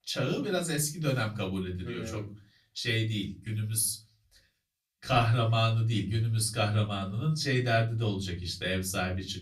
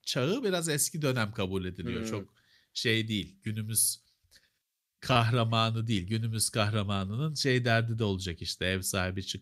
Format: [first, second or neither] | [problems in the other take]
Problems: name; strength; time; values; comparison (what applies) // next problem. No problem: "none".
second | off-mic speech; far // room echo; very slight; dies away in 0.3 s